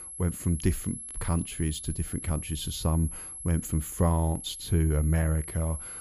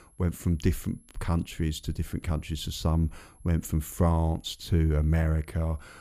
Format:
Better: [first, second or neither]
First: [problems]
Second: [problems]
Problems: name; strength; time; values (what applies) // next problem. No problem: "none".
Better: second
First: high-pitched whine; loud; throughout; 11 kHz, 9 dB below the speech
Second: high-pitched whine; faint; throughout; 11 kHz, 30 dB below the speech